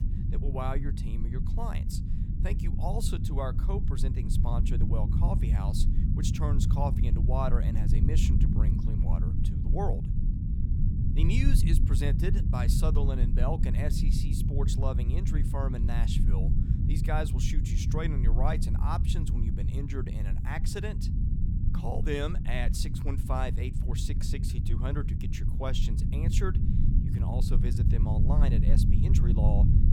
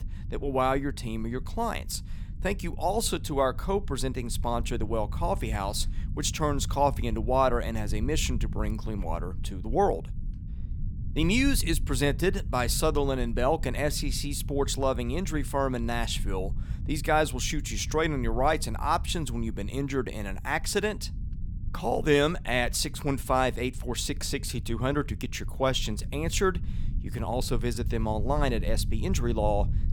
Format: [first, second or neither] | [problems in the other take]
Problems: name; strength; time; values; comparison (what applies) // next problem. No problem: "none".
second | low rumble; loud; throughout; 3 dB below the speech; faint in the second